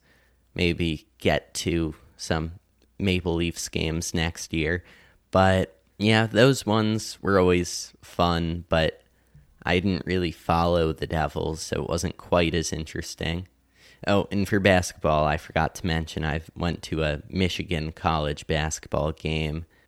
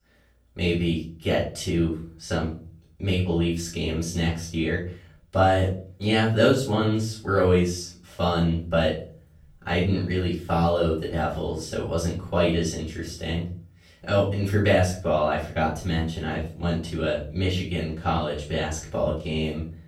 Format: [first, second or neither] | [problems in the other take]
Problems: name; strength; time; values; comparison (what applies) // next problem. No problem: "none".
first | room echo; noticeable; dies away in 0.4 s // off-mic speech; far